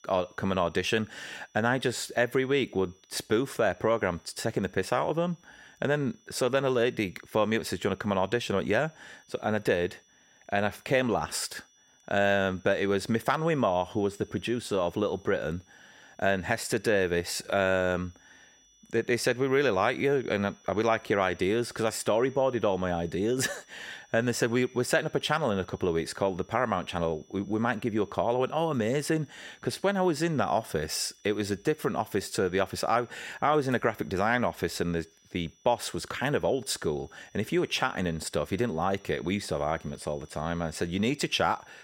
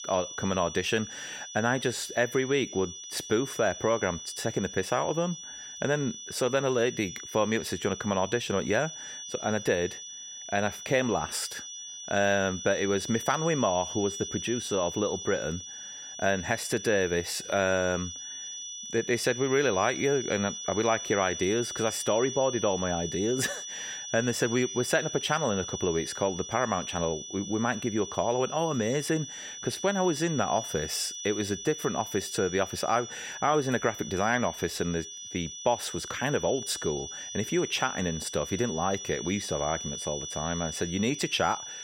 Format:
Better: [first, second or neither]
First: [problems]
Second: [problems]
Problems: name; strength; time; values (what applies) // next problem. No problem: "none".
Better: first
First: high-pitched whine; faint; throughout; 6 kHz, 30 dB below the speech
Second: high-pitched whine; loud; throughout; 6 kHz, 8 dB below the speech